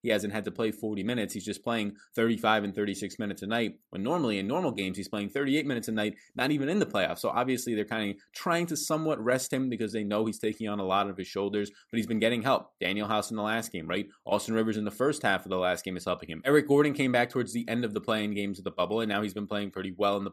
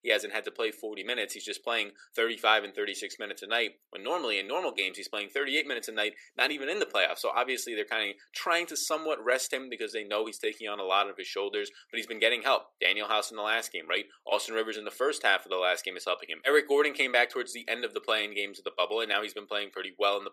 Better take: first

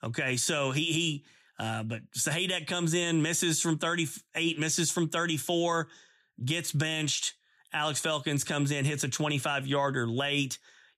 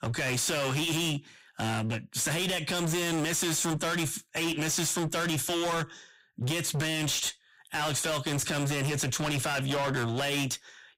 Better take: first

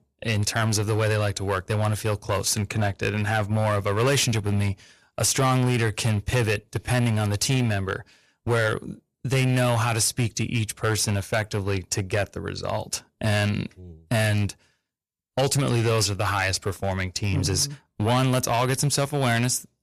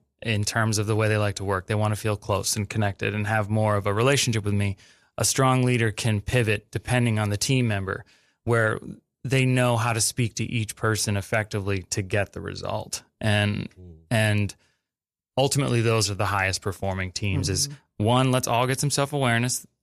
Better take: second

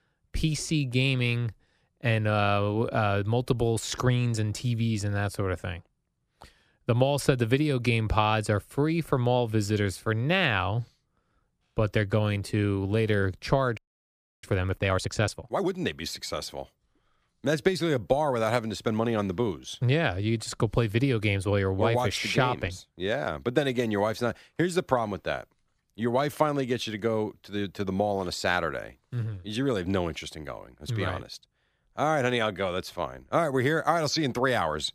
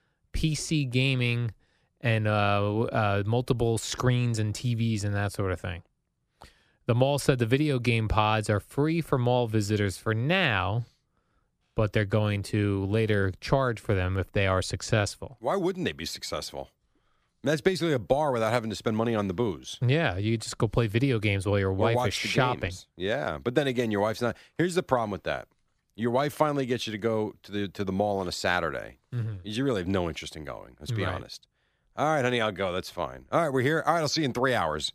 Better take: second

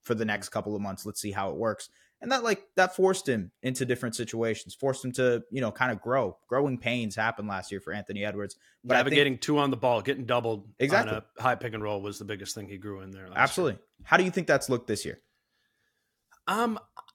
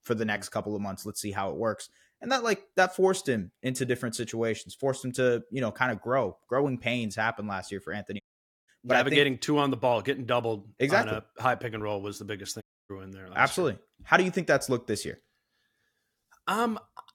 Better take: first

